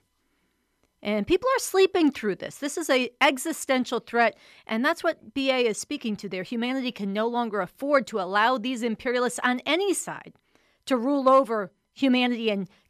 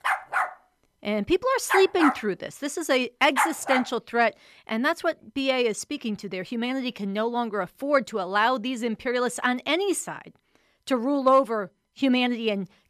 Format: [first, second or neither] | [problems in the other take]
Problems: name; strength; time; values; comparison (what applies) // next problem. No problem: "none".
first | dog barking; loud; until 4 s; peak 2 dB above the speech